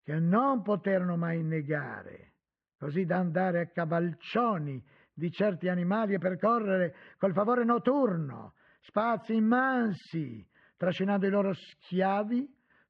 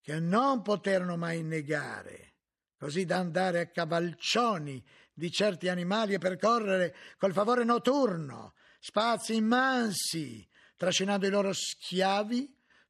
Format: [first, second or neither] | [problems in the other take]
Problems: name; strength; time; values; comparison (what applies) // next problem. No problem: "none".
second | muffled; very; fading above 2 kHz